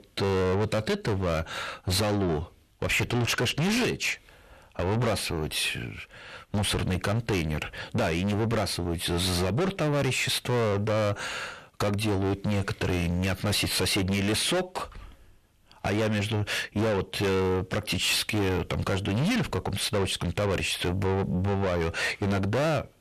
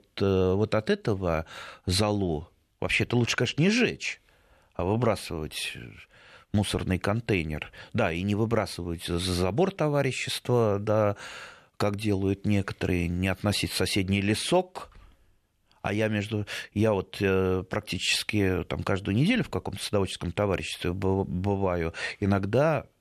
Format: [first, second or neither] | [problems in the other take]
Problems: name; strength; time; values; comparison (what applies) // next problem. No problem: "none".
second | distortion; heavy; 5 dB below the speech